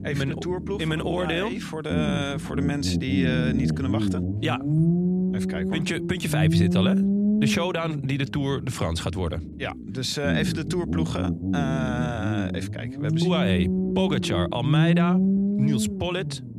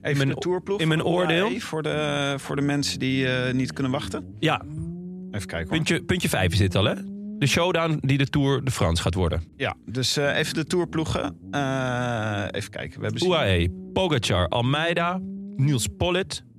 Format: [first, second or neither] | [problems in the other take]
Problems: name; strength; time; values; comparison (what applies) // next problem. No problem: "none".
second | low rumble; loud; throughout; 3 dB below the speech; faint in the second